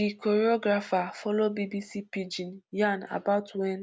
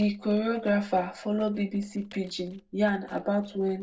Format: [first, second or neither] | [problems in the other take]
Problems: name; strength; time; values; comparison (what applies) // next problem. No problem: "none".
first | noise reduction (neural separator model SepFormer DNS4)